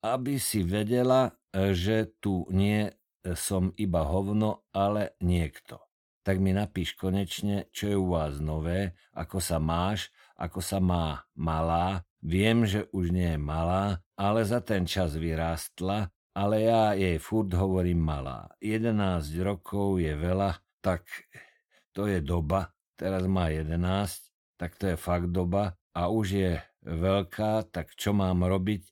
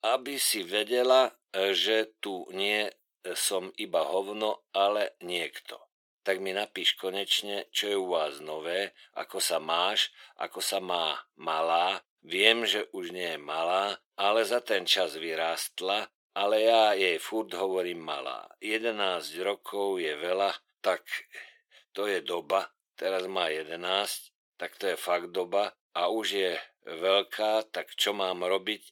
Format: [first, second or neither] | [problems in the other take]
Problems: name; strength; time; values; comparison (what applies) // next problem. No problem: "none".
first | thin; very; fading below 400 Hz